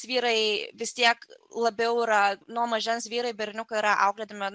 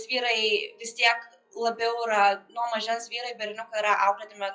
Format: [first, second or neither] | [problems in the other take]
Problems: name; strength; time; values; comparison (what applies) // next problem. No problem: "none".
first | noise reduction (classical method WPE with log-MMSE)